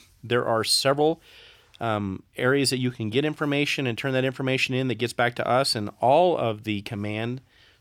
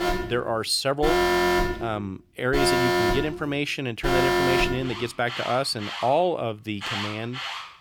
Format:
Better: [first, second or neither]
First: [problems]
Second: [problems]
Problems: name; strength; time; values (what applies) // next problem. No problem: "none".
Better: first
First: none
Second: alarms or sirens; very loud; throughout; 1 dB above the speech